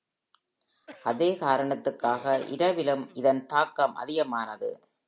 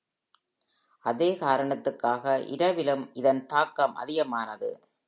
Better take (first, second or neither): second